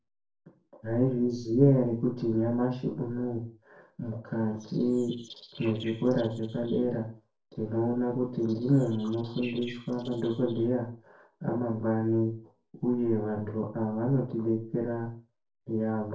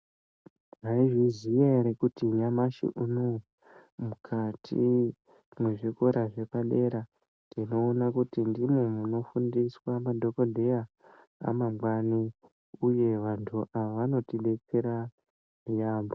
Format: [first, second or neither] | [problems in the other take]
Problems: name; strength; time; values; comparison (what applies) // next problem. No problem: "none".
second | noise reduction (neural separator model SepFormer DNS4)